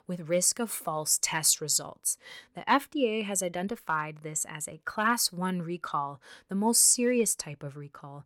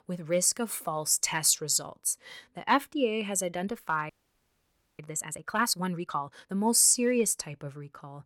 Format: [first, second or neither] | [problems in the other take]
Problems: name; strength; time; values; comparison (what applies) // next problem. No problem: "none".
first | audio freezing; at 4 s for 1 s